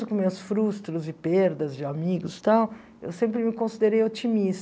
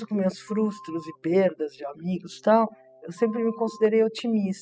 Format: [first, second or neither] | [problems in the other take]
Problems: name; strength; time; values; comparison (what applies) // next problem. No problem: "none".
first | noise reduction (classical method spectral subtraction)